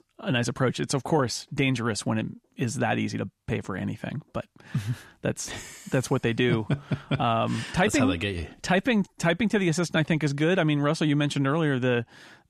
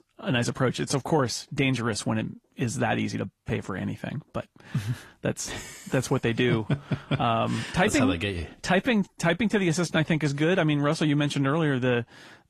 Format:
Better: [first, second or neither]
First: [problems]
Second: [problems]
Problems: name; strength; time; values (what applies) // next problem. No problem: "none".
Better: first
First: none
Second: garbled, watery; slightly; nothing above 14.5 kHz